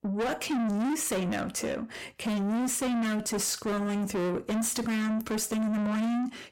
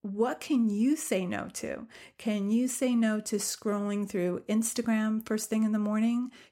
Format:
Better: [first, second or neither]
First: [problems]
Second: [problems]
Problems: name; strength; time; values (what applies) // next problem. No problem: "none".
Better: second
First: distortion; heavy; 7 dB below the speech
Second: none